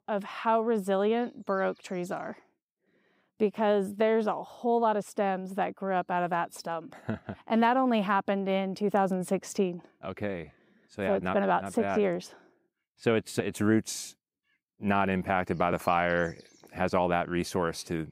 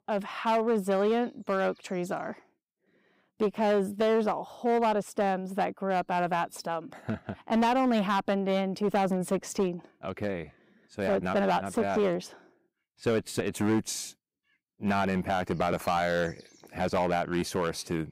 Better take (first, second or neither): first